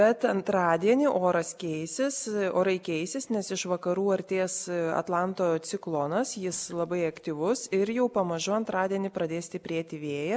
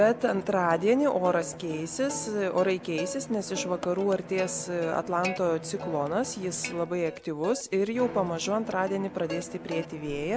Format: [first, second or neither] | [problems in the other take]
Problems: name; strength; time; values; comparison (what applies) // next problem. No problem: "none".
first | background sound (Bowed string instrument + Plucked string instrument); 11 dB below the speech